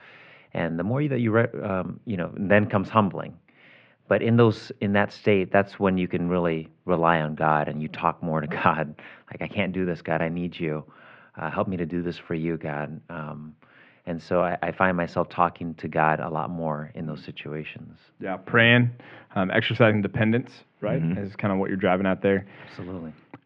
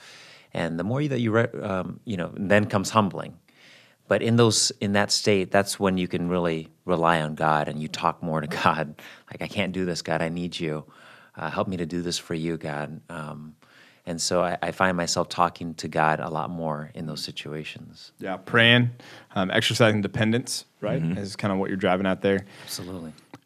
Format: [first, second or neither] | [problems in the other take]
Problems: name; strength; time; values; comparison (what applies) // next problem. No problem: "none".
second | muffled; very; fading above 2.5 kHz